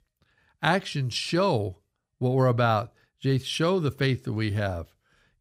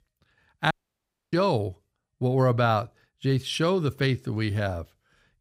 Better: first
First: none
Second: audio cutting out; at 0.5 s for 0.5 s

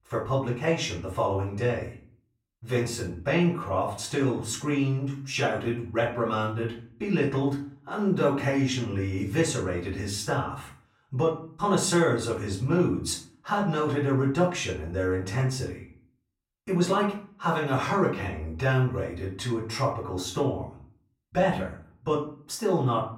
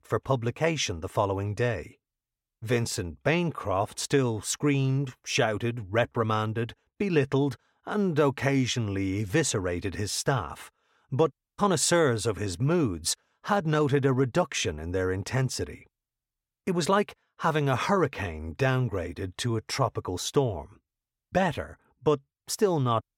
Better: second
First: off-mic speech; far // room echo; slight; dies away in 0.4 s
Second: none

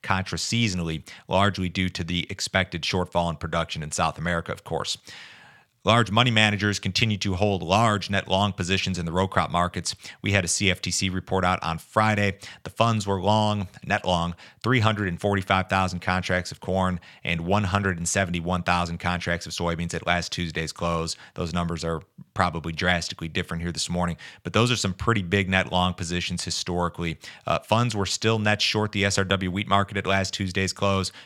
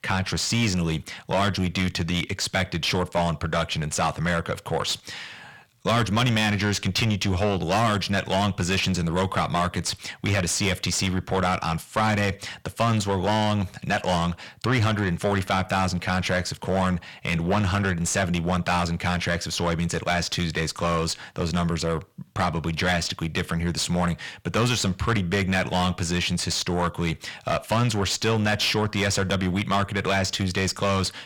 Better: first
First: none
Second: distortion; heavy; 7 dB below the speech

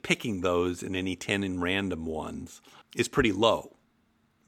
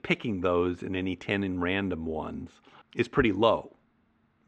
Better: first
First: none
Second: muffled; slightly; fading above 2.5 kHz

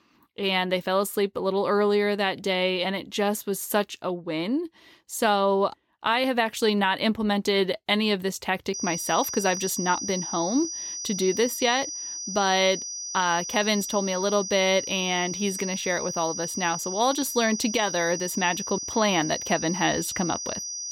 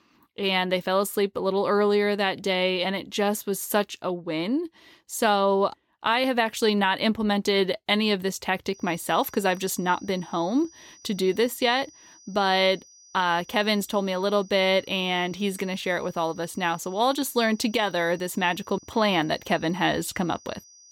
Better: second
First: high-pitched whine; loud; from 8.5 s on; 6 kHz, 6 dB below the speech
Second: high-pitched whine; faint; from 8.5 s on; 6 kHz, 25 dB below the speech

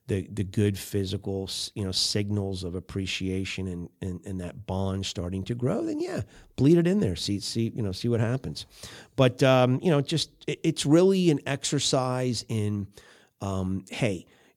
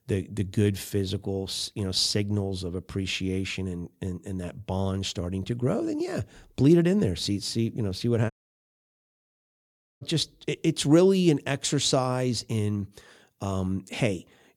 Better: first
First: none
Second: audio cutting out; at 8.5 s for 1.5 s

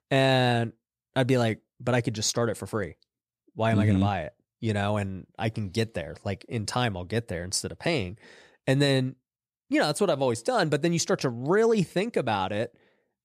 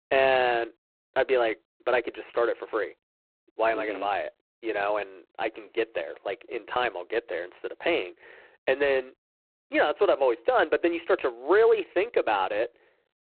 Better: first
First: none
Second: phone-call audio; poor line; nothing above 4 kHz

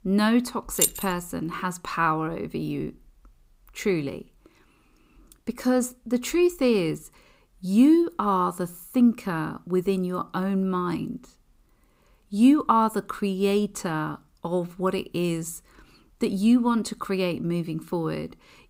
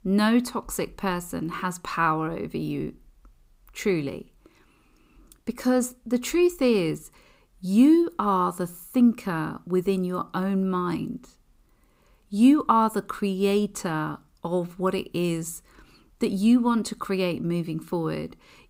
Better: second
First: jangling keys; loud; at 1 s; peak 2 dB above the speech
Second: none

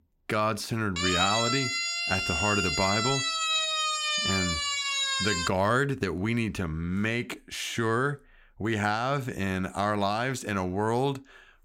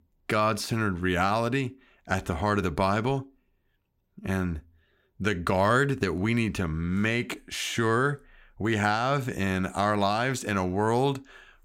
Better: second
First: siren; loud; from 1 to 5.5 s; peak 4 dB above the speech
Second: none

